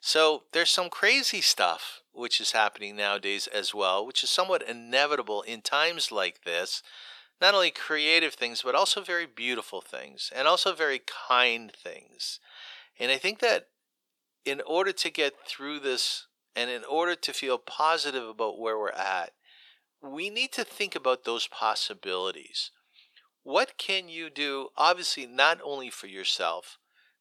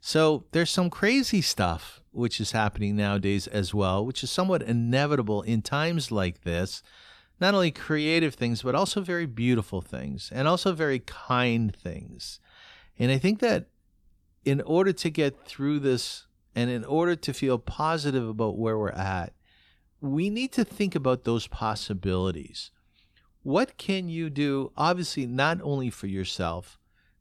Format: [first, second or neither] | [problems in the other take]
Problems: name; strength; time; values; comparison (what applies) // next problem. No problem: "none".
second | thin; very; fading below 500 Hz